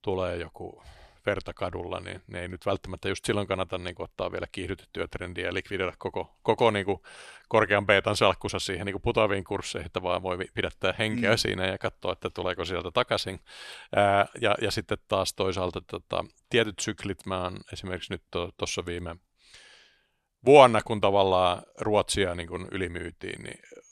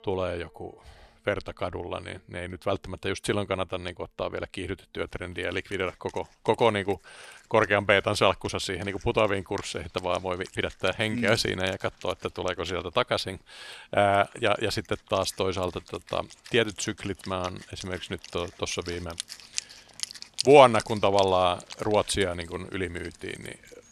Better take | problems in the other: first | background music; noticeable; throughout; 15 dB below the speech

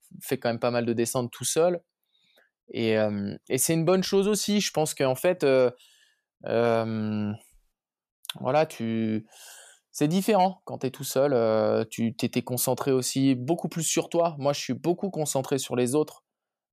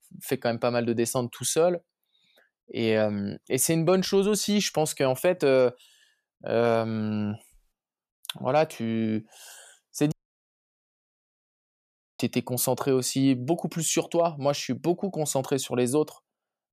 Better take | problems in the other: first | audio cutting out; at 10 s for 2 s

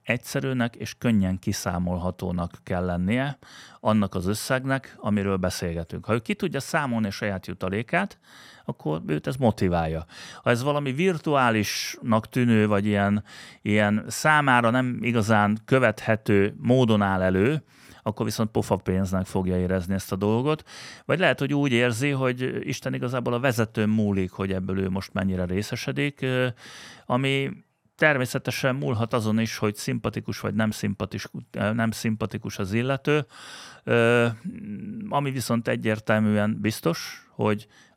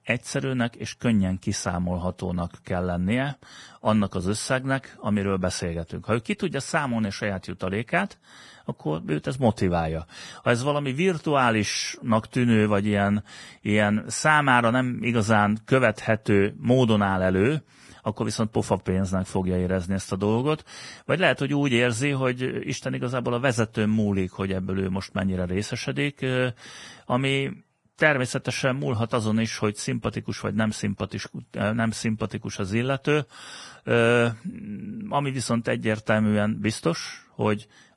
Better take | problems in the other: first | garbled, watery; badly; nothing above 10.5 kHz

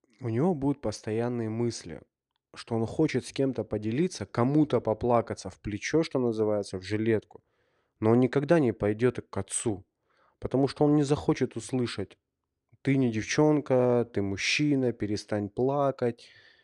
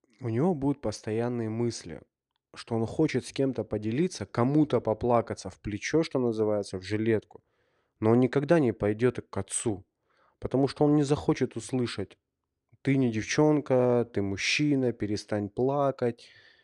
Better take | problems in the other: neither | none

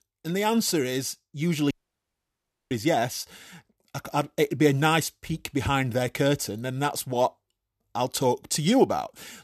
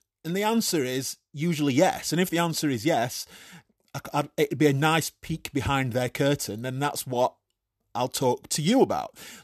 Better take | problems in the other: second | audio cutting out; at 1.5 s for 1 s

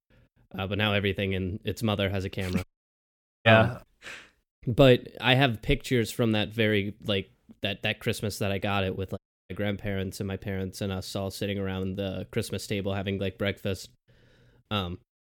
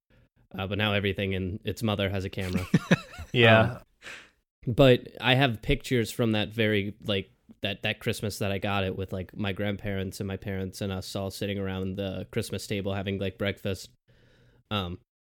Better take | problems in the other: second | audio cutting out; at 2.5 s for 1 s and at 9 s

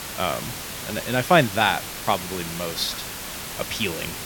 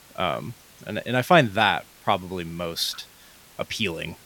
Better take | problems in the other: second | hiss; loud; throughout; 7 dB below the speech; faint in the second

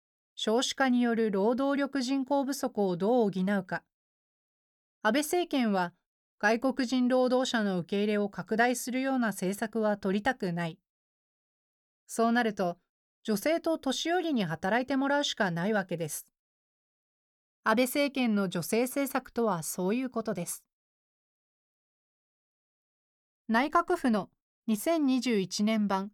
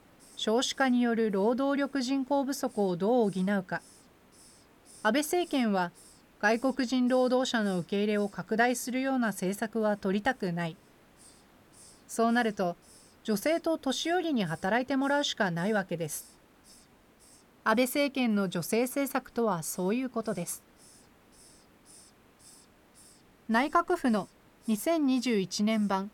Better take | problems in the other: first | hiss; faint; throughout; 25 dB below the speech

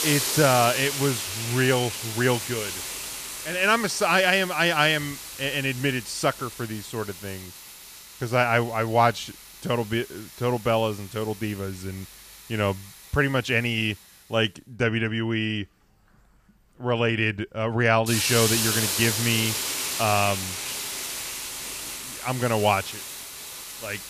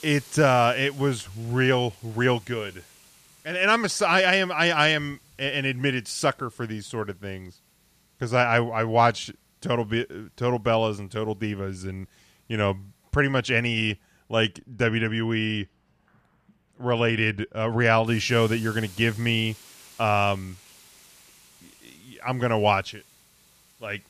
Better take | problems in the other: second | hiss; loud; throughout; 5 dB below the speech; faint in the second

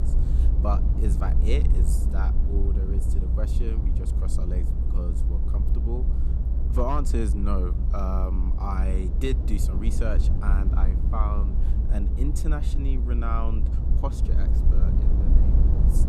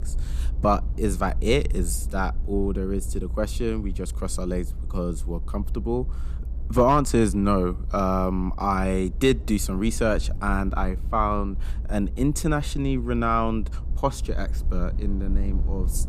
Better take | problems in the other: second | low rumble; loud; throughout; 6 dB below the speech; faint in the second

